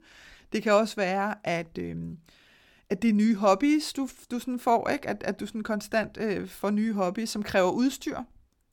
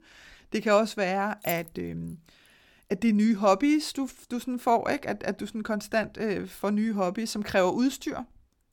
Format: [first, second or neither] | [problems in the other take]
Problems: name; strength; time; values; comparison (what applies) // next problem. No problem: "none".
first | jangling keys; faint; at 1.5 s; peak 10 dB below the speech